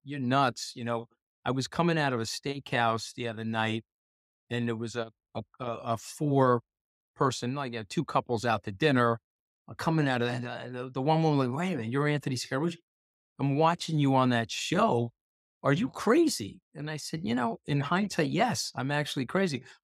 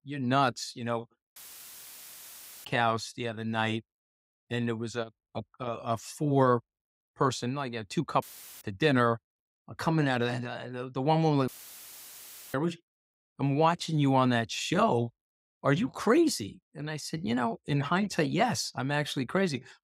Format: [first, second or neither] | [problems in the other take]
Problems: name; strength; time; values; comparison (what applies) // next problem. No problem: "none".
first | audio cutting out; filled with static; at 1.5 s for 1.5 s, at 8 s and at 11 s for 1 s